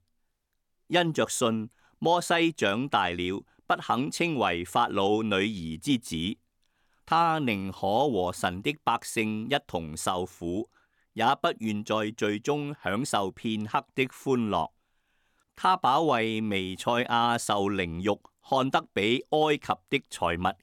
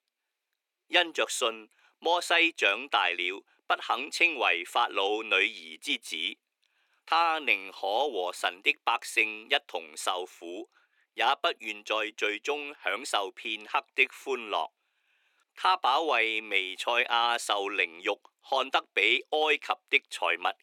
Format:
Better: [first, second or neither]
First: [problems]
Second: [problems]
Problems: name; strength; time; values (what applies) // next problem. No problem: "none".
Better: first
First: none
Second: thin; very; fading below 350 Hz